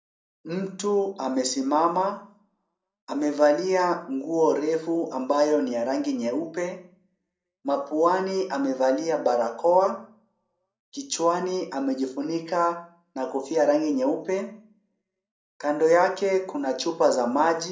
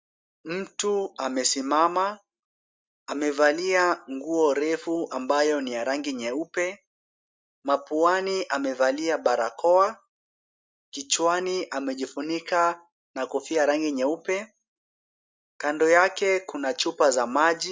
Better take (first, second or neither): second